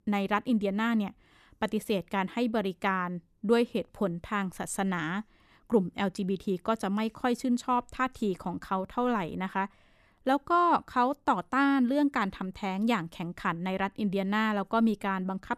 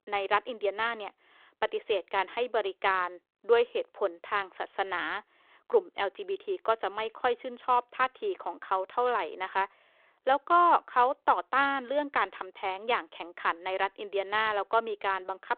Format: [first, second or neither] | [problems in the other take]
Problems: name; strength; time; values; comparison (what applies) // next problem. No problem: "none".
first | phone-call audio